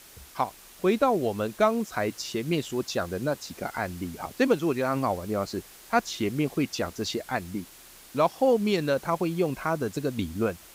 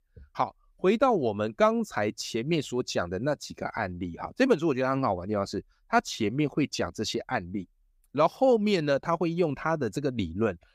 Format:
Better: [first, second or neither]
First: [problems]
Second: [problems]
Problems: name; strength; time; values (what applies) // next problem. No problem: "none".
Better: second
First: hiss; noticeable; throughout; 20 dB below the speech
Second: none